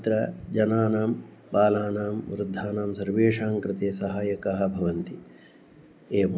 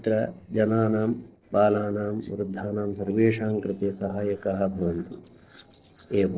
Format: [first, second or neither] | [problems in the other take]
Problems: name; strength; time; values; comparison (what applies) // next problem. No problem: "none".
first | noise reduction (neural separator model SepFormer DNS4)